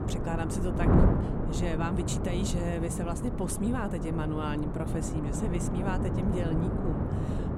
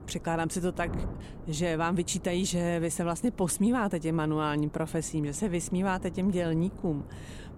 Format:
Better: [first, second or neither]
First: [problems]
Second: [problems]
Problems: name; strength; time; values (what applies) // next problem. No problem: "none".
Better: second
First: wind noise on the microphone; heavy; as loud as the speech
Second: wind noise on the microphone; occasional gusts; 20 dB below the speech